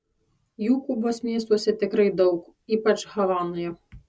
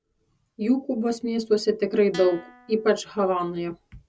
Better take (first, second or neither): first